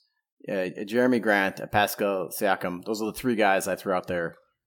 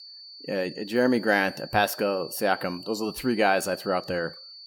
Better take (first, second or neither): first